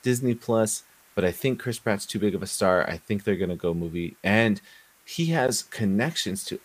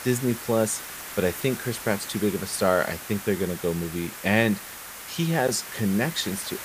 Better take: first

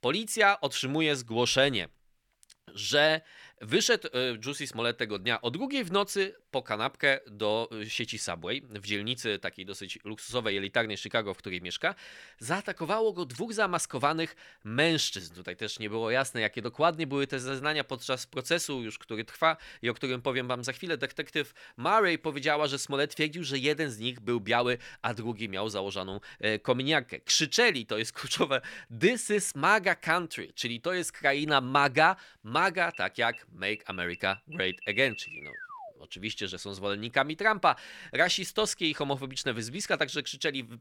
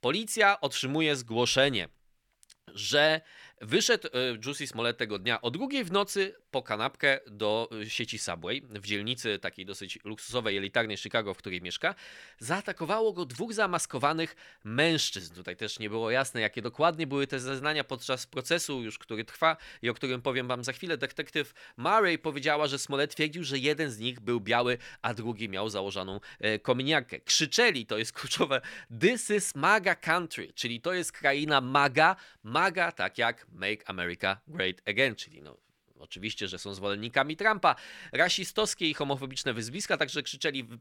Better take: second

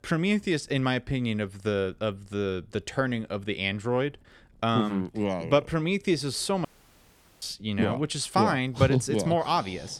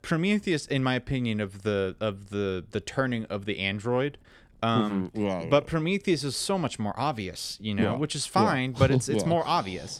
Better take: second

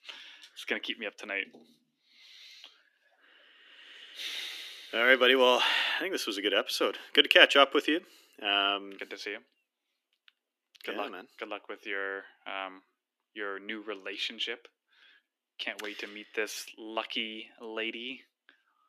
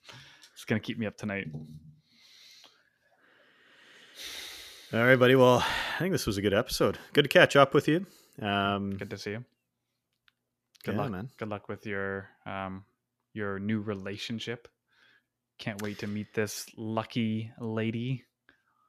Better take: second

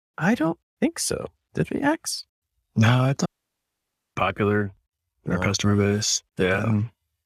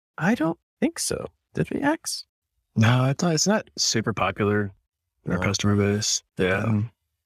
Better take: second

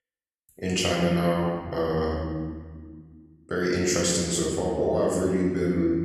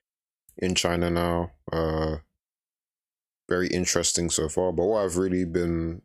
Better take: second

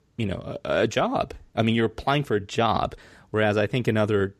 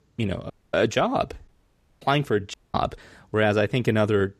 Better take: first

